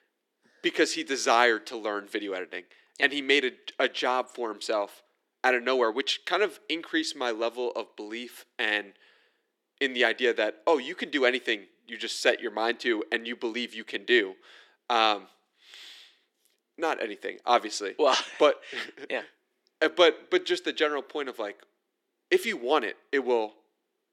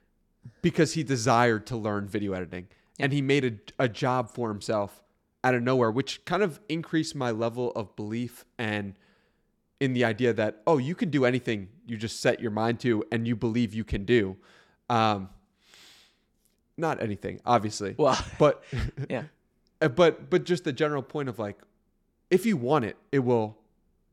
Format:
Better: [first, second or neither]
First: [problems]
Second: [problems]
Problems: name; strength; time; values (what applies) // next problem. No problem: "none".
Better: second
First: thin; somewhat; fading below 300 Hz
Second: none